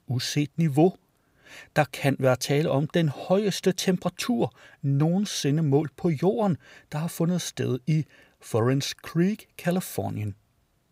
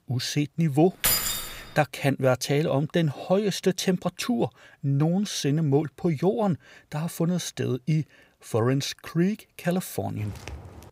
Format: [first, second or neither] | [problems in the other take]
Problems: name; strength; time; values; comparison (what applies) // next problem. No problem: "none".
first | jangling keys; loud; at 1 s; peak 4 dB above the speech // footsteps; faint; at 10 s; peak 15 dB below the speech